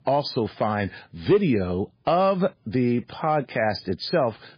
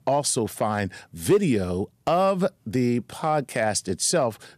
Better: second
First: garbled, watery; badly; nothing above 5 kHz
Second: none

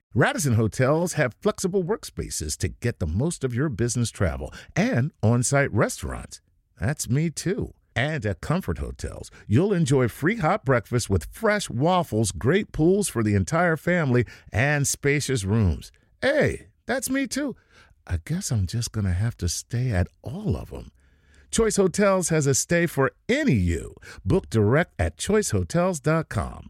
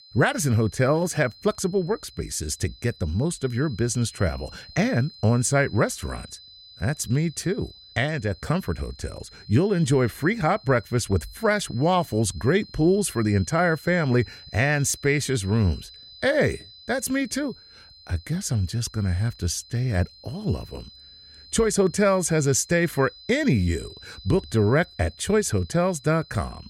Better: first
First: none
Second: high-pitched whine; faint; throughout; 4 kHz, 20 dB below the speech

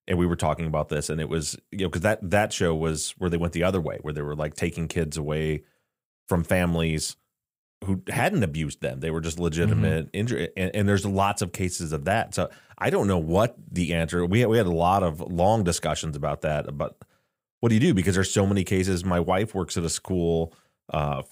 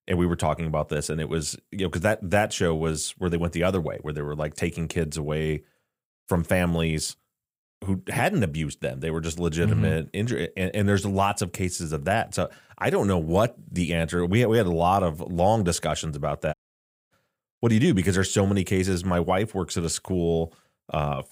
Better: first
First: none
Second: audio cutting out; at 17 s for 0.5 s

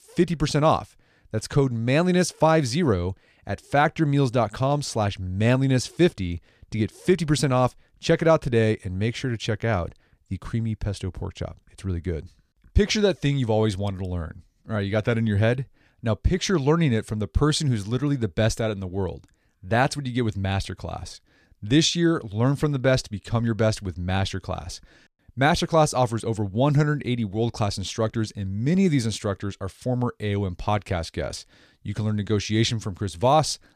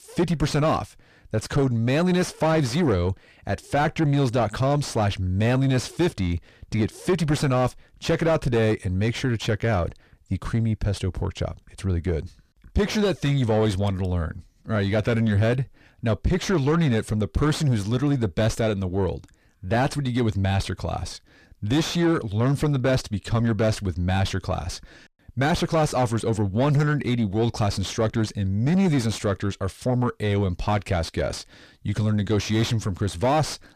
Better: first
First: none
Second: distortion; heavy; 7 dB below the speech

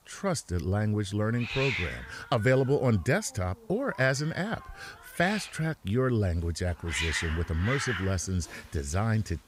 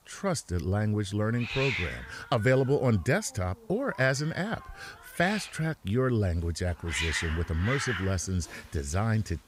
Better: neither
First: hiss; loud; throughout; 6 dB below the speech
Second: hiss; loud; throughout; 6 dB below the speech

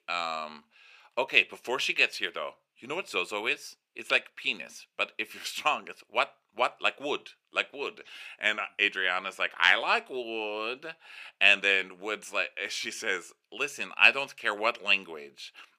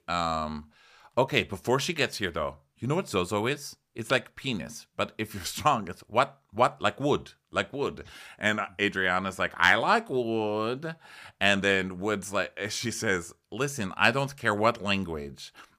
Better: second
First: thin; somewhat; fading below 400 Hz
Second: none

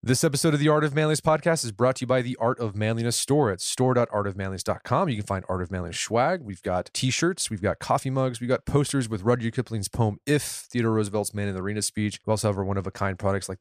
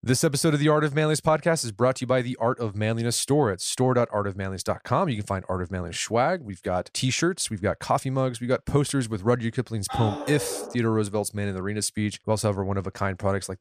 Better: first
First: none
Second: dog barking; noticeable; at 10 s; peak 6 dB below the speech

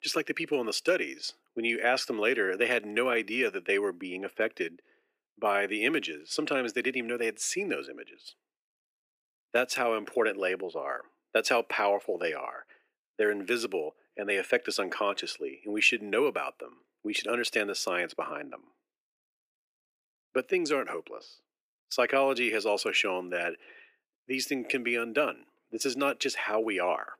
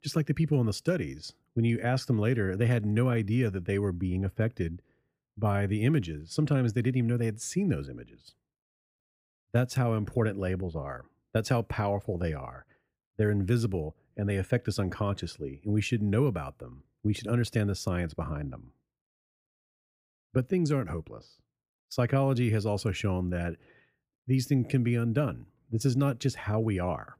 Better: second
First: thin; very; fading below 350 Hz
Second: none

